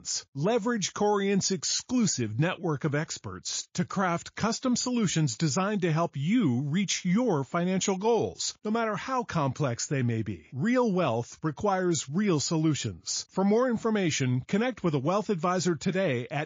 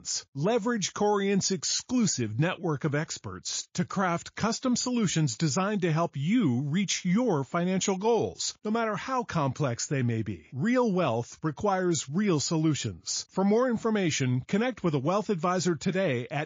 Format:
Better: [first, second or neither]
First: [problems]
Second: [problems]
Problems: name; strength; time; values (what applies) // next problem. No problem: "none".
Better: neither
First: garbled, watery; slightly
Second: garbled, watery; slightly